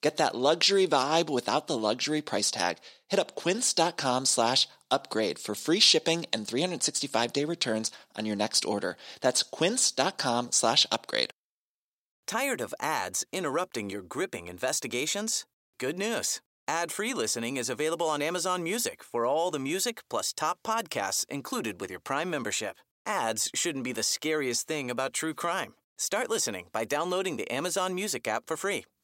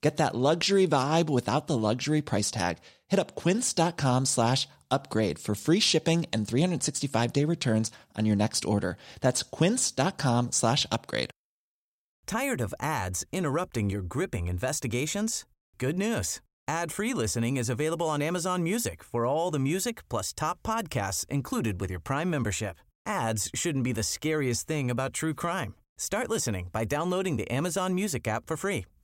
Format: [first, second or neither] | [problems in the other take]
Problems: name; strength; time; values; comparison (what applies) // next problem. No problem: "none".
second | thin; somewhat; fading below 300 Hz